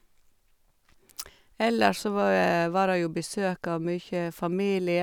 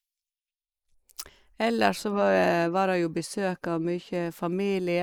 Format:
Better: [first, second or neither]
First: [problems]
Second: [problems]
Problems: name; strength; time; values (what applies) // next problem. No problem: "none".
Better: first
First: none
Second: noise reduction (neural mask model Resemble Enhance denoiser)